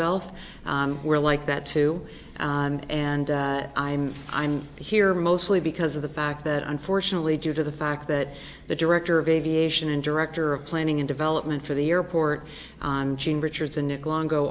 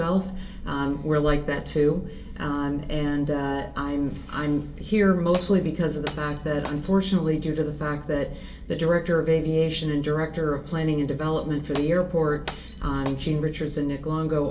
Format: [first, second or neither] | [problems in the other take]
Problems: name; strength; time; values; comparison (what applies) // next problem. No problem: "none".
first | background sound (Glass); 17 dB below the speech // room echo; dies away in 0.2 s